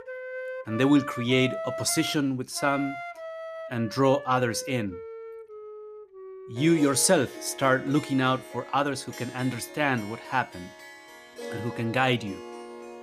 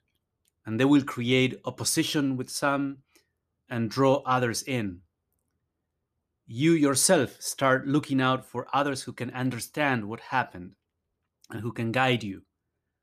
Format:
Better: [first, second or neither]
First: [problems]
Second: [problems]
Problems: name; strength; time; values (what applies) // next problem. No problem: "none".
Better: second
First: background music; noticeable; throughout; 15 dB below the speech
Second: none